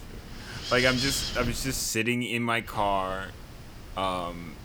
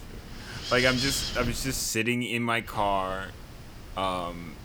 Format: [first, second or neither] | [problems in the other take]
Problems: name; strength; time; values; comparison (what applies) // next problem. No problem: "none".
neither | wind noise on the microphone; heavy; until 2 s and from 2.5 s on; 5 dB below the speech; the same in both